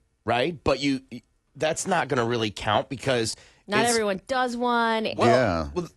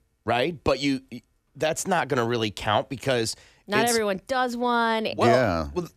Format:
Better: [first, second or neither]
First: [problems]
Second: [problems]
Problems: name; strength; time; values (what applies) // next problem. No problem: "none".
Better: second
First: garbled, watery; slightly; nothing above 11.5 kHz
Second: none